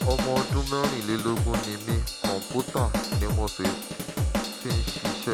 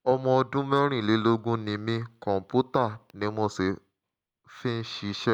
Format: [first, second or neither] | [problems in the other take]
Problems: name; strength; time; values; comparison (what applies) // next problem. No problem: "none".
second | background sound (Drum / Drum kit); 3 dB above the speech